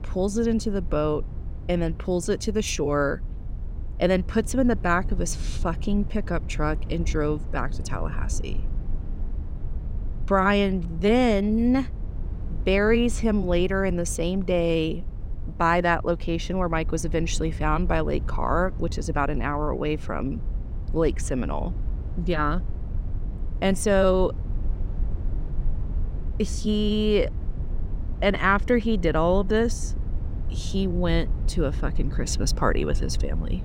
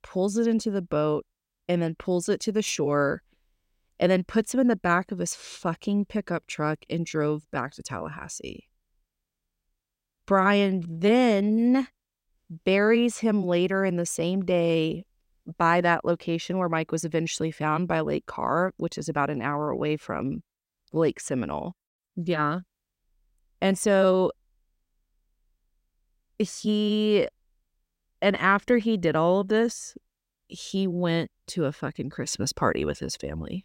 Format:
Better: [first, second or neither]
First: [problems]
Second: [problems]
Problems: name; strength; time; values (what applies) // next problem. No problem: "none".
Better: second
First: low rumble; faint; throughout; 20 dB below the speech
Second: none